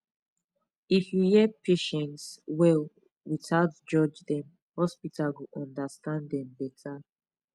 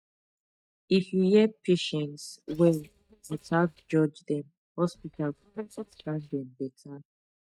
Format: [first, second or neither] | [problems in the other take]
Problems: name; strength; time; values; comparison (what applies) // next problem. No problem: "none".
first | noise reduction (neural mask model DeepFilterNet 3)